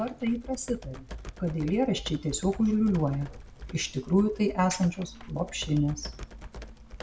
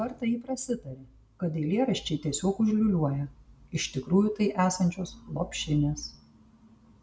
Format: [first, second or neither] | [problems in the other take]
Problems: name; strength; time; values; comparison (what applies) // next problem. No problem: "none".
second | background sound (Computer keyboard); 14 dB below the speech